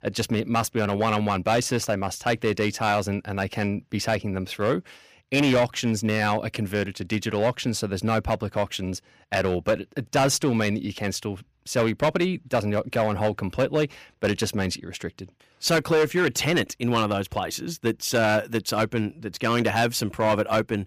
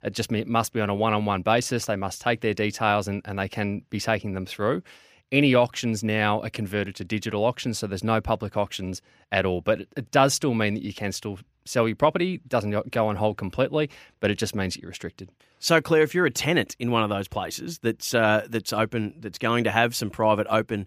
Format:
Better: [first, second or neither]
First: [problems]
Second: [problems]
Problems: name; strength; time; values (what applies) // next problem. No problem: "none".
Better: second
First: distortion; slight; 6% of the sound clipped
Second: none